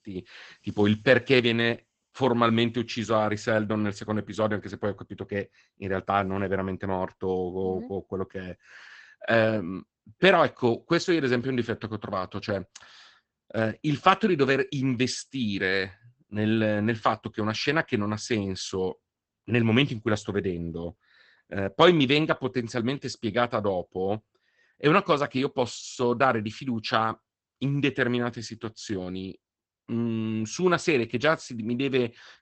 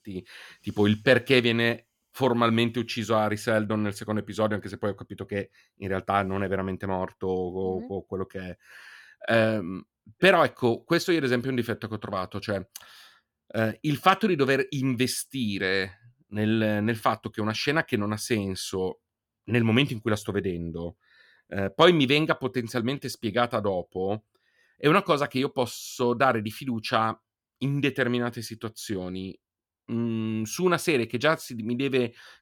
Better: second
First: garbled, watery; badly; nothing above 8 kHz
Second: none

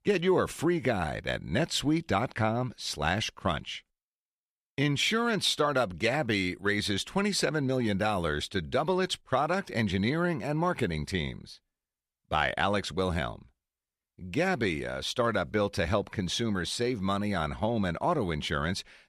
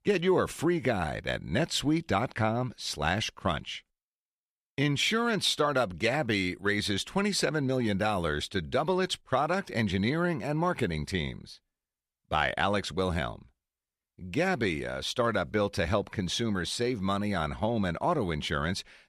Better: neither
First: none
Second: none

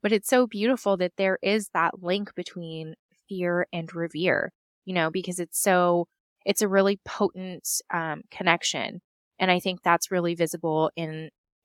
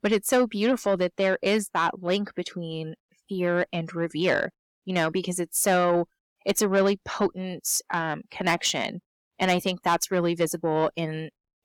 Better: first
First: none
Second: distortion; slight; 10 dB below the speech

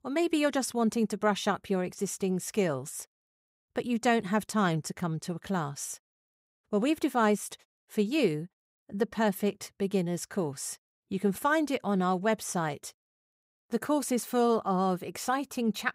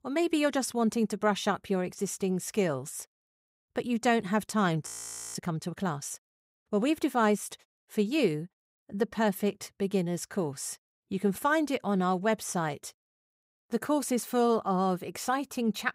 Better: first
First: none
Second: audio freezing; at 5 s

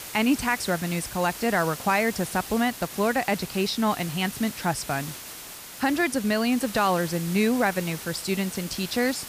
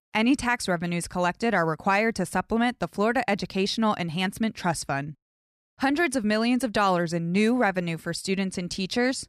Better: second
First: hiss; noticeable; throughout; 10 dB below the speech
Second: none

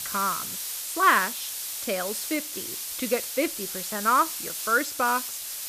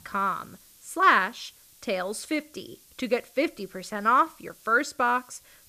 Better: second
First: hiss; loud; throughout; 5 dB below the speech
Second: hiss; faint; throughout; 25 dB below the speech

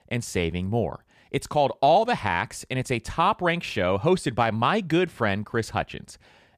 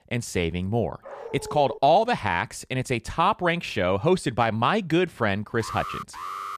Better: first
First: none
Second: dog barking; faint; at 1 s; peak 10 dB below the speech // alarm; noticeable; at 5.5 s; peak 9 dB below the speech

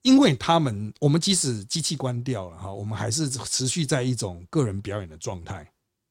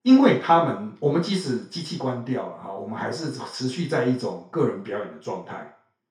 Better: first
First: none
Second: room echo; slight; dies away in 0.5 s // off-mic speech; far

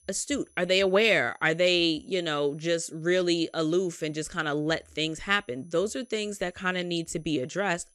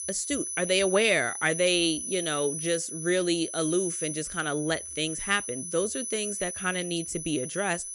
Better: first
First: high-pitched whine; faint; throughout; 10 kHz, 35 dB below the speech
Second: high-pitched whine; loud; throughout; 10 kHz, 5 dB below the speech

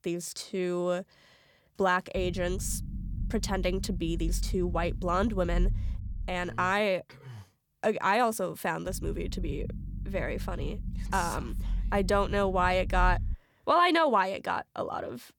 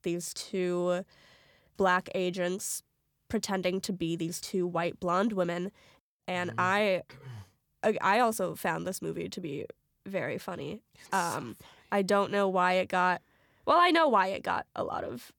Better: second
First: low rumble; faint; from 2 to 6.5 s and from 9 to 13 s; 25 dB below the speech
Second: none

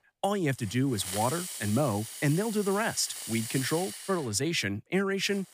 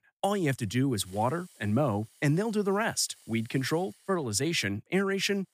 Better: second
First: hiss; loud; throughout; 8 dB below the speech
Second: hiss; faint; throughout; 25 dB below the speech

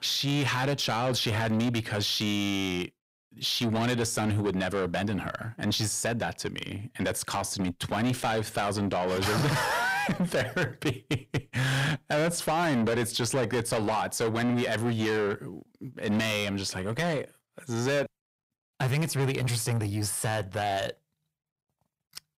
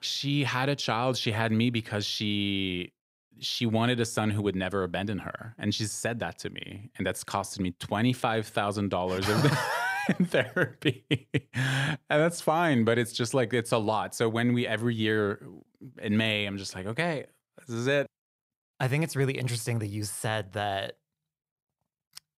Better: second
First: distortion; heavy; 7 dB below the speech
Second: none

